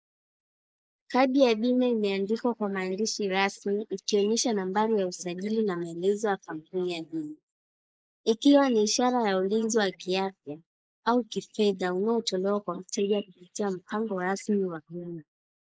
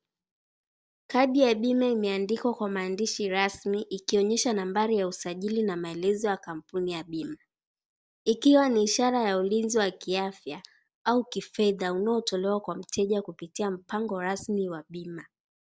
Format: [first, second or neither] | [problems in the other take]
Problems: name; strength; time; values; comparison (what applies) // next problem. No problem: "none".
second | noise reduction (neural mask model Resemble Enhance denoiser)